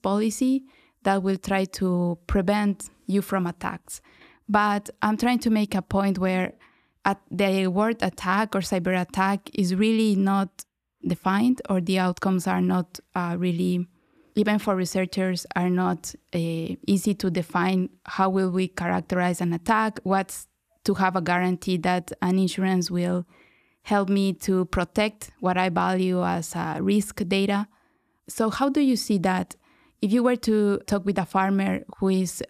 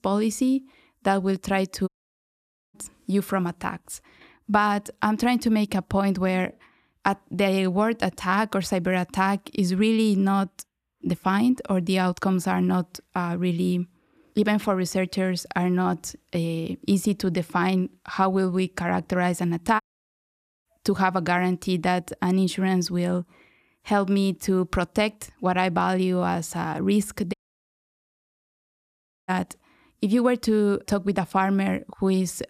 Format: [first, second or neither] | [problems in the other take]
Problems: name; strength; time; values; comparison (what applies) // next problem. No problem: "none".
first | audio cutting out; at 2 s for 1 s, at 20 s for 1 s and at 27 s for 2 s